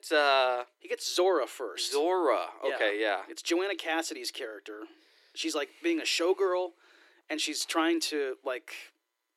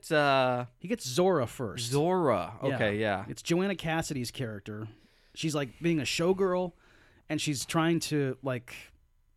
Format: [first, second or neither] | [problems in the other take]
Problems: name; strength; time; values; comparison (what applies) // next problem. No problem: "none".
second | thin; very; fading below 300 Hz